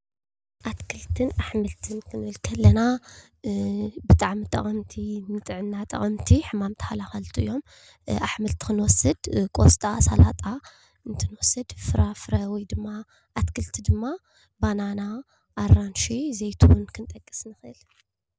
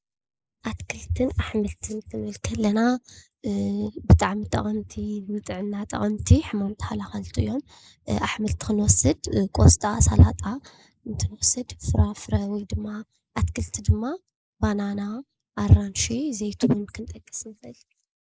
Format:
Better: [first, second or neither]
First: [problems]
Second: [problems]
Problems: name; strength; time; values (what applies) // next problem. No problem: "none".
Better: first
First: none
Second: noise reduction (neural mask model Resemble Enhance denoiser)